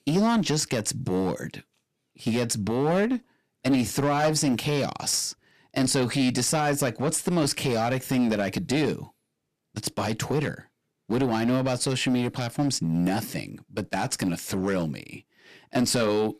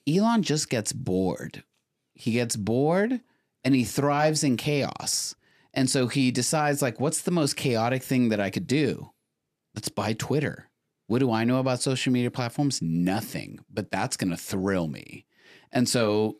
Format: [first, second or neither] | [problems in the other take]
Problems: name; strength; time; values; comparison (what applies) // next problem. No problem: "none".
second | distortion; slight; 7% of the sound clipped